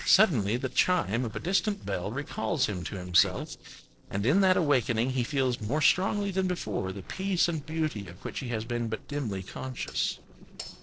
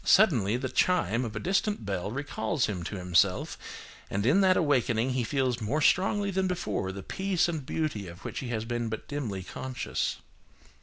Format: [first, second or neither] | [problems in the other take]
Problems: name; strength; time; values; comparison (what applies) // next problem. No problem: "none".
second | noise reduction (neural separator model SepFormer DNS4)